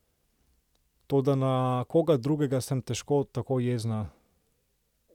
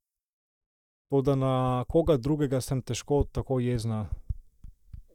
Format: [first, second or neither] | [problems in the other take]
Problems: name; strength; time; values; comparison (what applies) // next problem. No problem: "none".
first | noise reduction (neural mask model DeepFilterNet 3)